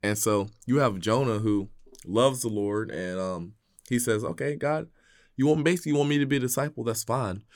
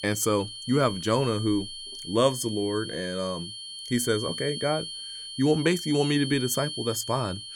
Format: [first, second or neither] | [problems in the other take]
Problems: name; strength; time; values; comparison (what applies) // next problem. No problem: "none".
first | high-pitched whine; loud; throughout; 3 kHz, 8 dB below the speech